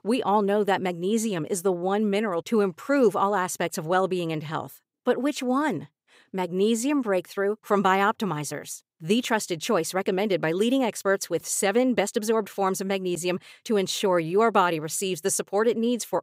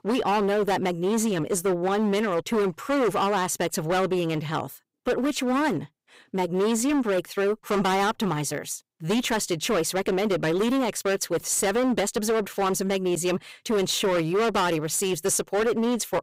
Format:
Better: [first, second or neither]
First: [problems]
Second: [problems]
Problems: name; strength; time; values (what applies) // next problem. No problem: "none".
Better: first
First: none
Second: distortion; heavy; 19% of the sound clipped